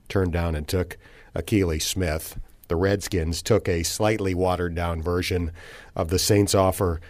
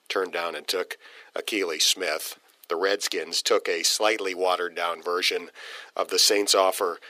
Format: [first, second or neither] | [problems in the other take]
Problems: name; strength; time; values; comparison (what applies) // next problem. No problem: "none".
first | thin; very; fading below 400 Hz